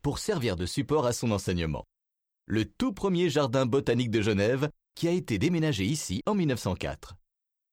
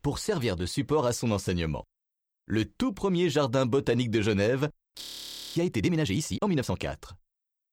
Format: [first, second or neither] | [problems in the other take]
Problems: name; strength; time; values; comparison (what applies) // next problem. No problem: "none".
first | audio freezing; at 5 s for 0.5 s